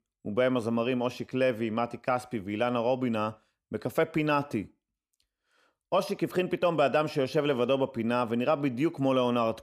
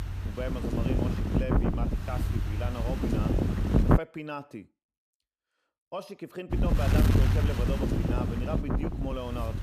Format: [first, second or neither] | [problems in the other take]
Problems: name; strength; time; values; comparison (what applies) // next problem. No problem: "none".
first | wind noise on the microphone; heavy; until 4 s and from 6.5 s on; 3 dB above the speech